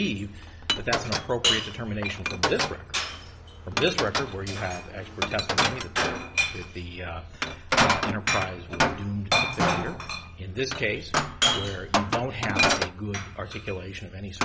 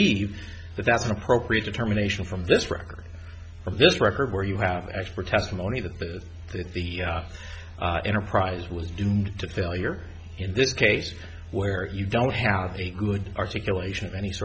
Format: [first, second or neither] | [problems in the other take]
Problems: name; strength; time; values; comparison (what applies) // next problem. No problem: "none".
second | background sound (Glass); 4 dB above the speech